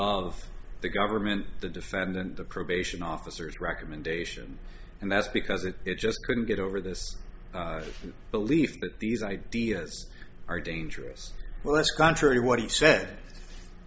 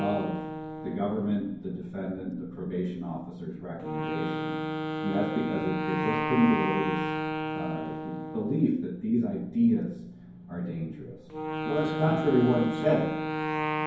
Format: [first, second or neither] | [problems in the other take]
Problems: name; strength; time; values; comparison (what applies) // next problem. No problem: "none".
first | background sound (Wind instrument, woodwind instrument); 4 dB below the speech // room echo; dies away in 0.9 s